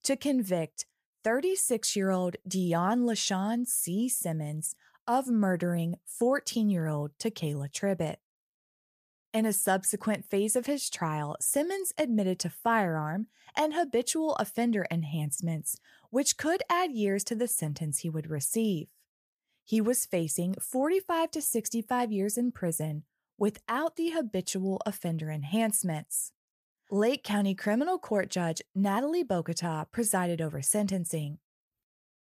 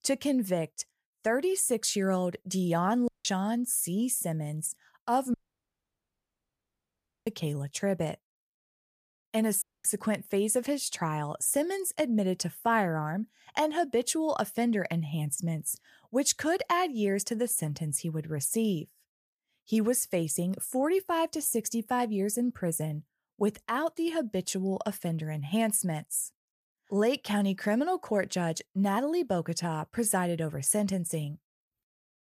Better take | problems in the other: first | audio cutting out; at 3 s, at 5.5 s for 2 s and at 9.5 s

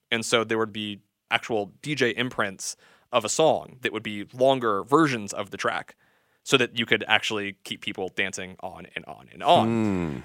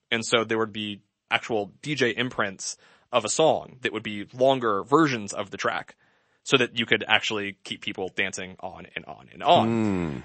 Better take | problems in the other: first | garbled, watery; slightly; nothing above 8 kHz

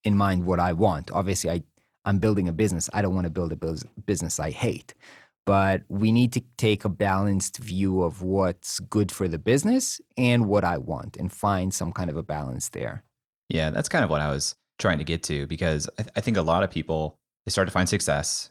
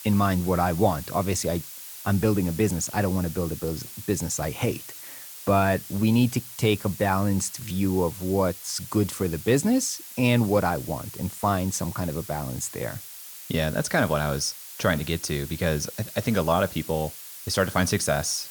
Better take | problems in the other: first | hiss; noticeable; throughout; 10 dB below the speech

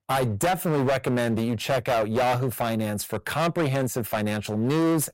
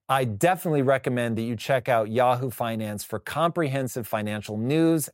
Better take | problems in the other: second | distortion; heavy; 22% of the sound clipped

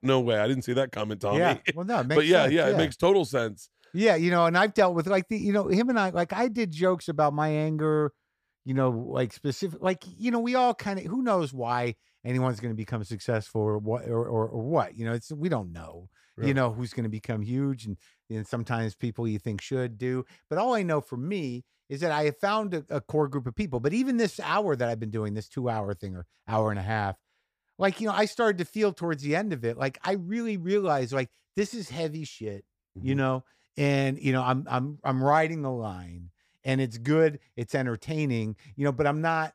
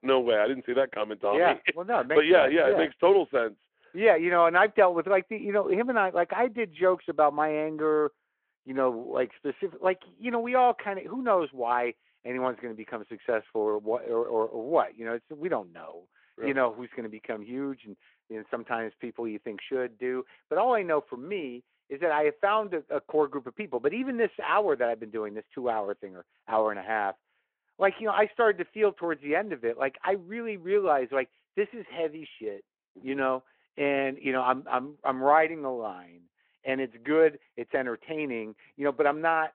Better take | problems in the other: first | phone-call audio

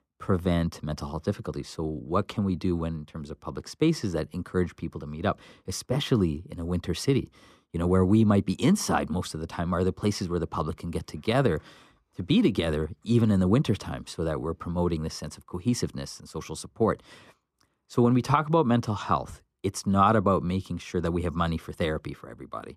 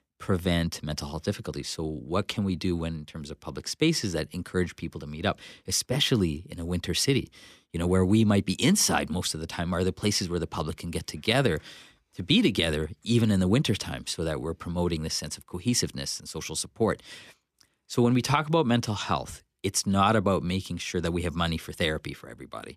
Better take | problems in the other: second | muffled; slightly; fading above 1.5 kHz

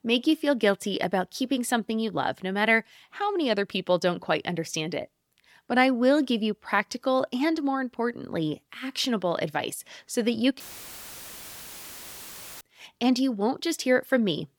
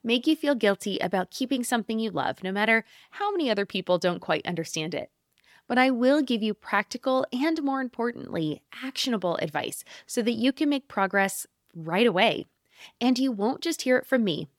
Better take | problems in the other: second | audio cutting out; filled with static; at 11 s for 2 s

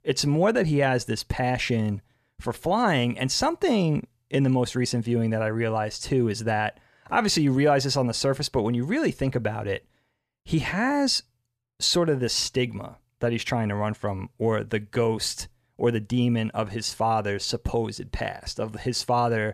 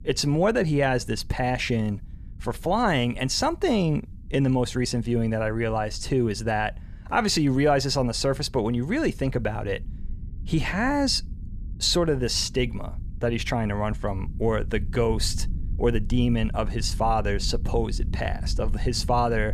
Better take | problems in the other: first | low rumble; faint; throughout; 25 dB below the speech

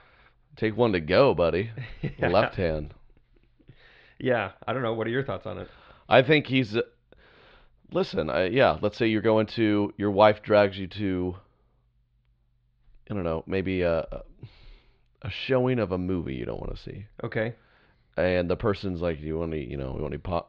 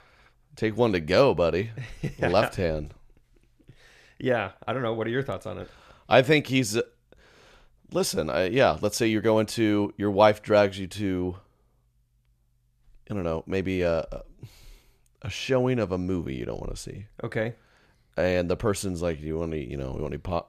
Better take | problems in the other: second | muffled; very slightly; fading above 4 kHz

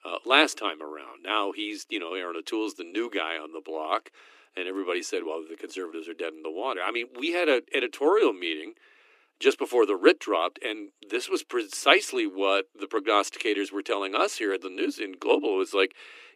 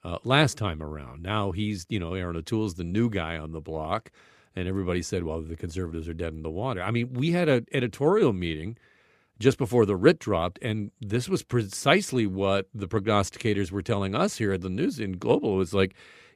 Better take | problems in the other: second | thin; somewhat; fading below 300 Hz

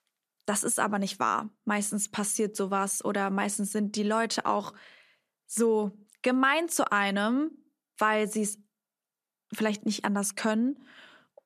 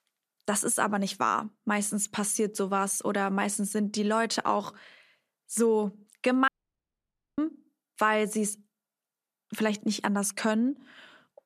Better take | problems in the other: first | audio cutting out; at 6.5 s for 1 s

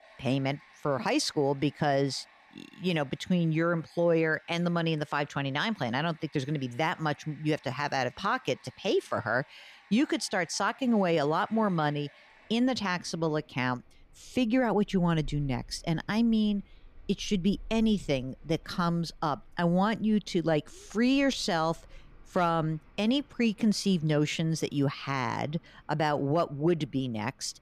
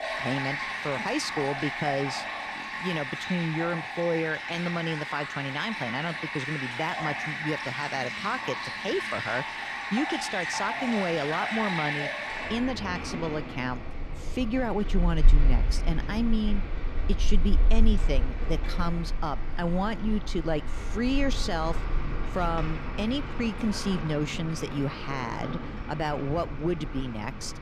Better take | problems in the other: first | rain or running water; loud; throughout; 1 dB below the speech; faint in the first

